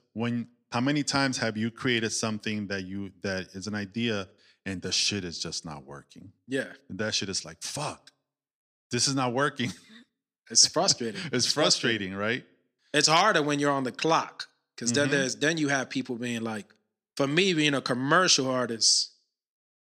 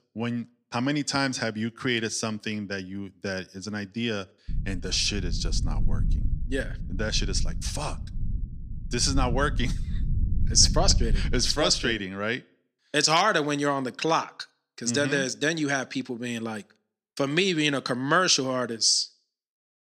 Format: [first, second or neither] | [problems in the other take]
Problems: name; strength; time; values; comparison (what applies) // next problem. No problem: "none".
first | low rumble; faint; from 4.5 to 12 s; 20 dB below the speech